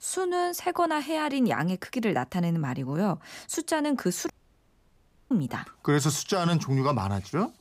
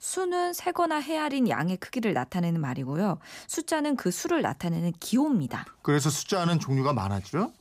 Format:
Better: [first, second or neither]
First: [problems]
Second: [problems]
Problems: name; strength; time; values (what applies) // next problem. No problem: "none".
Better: second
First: audio cutting out; at 4.5 s for 1 s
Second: none